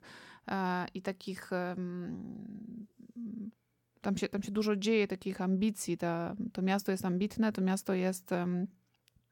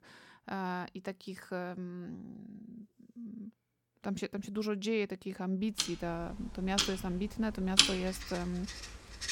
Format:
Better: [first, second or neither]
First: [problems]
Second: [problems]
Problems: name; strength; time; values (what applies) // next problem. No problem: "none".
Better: first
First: none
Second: household noises; very loud; from 6 s on; 5 dB above the speech